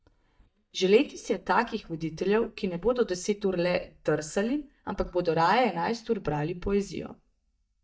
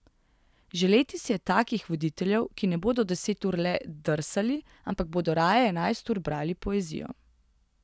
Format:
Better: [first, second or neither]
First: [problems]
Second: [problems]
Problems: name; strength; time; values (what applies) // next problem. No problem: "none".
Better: second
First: noise reduction (neural mask model DeepFilterNet 3)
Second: none